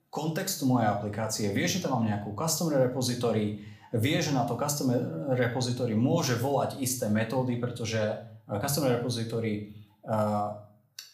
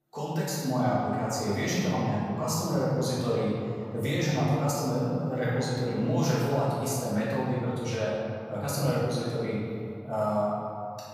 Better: first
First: room echo; slight; dies away in 0.5 s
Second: room echo; strong; dies away in 2.4 s // off-mic speech; far

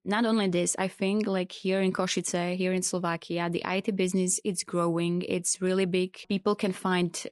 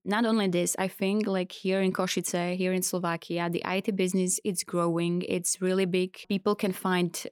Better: second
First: garbled, watery; slightly; nothing above 10.5 kHz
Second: none

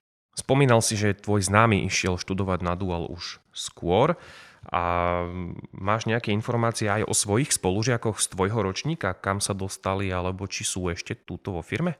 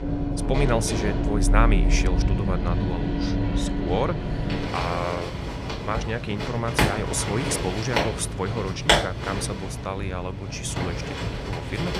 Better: first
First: none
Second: household noises; very loud; throughout; 3 dB above the speech

